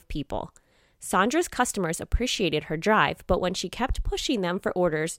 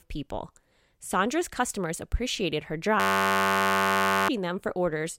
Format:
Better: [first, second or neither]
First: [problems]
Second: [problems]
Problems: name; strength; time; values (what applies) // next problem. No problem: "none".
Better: first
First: none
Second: audio freezing; at 3 s for 1.5 s